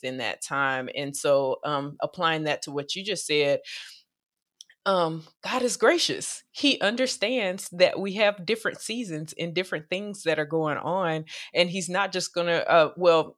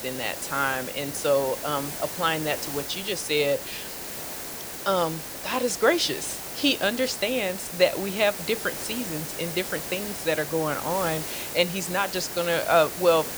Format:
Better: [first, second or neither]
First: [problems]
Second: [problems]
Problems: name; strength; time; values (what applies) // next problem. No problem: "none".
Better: first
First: none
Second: hiss; loud; throughout; 7 dB below the speech